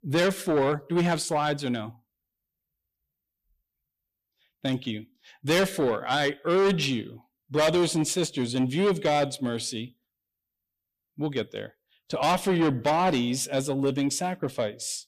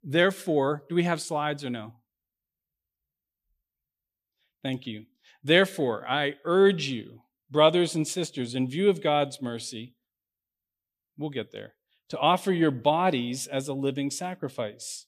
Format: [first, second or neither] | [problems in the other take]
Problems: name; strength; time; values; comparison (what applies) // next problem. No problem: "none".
second | distortion; heavy; 6 dB below the speech